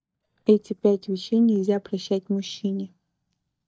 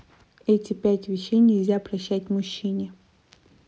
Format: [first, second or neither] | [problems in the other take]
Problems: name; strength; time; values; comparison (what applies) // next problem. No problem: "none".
second | noise reduction (neural mask model DeepFilterNet 3)